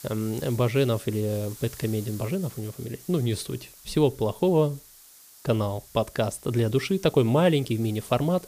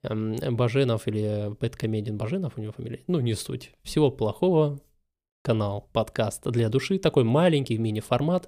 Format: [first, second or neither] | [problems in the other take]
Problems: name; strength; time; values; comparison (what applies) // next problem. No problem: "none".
second | hiss; noticeable; throughout; 20 dB below the speech